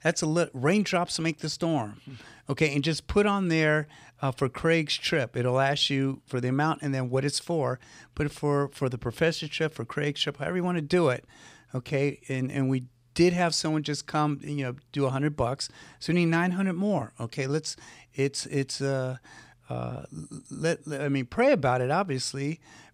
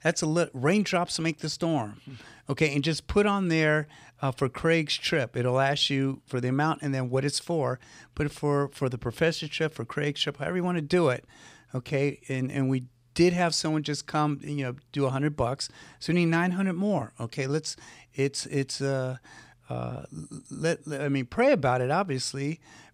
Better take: neither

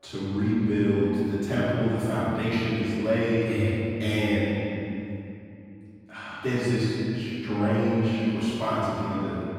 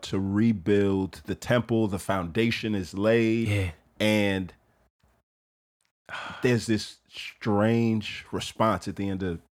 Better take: second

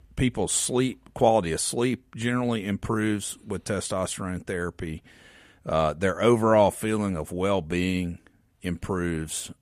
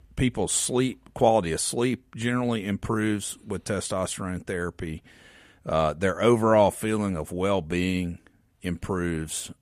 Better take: neither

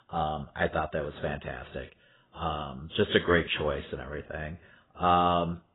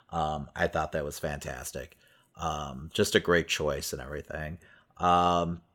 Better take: second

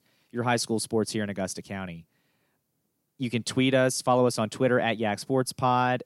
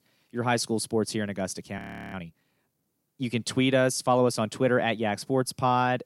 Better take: first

